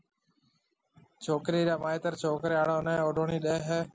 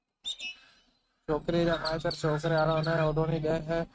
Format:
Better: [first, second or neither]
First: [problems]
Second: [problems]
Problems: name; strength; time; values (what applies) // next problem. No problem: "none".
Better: first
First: none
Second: noise reduction (neural mask model RNNoise)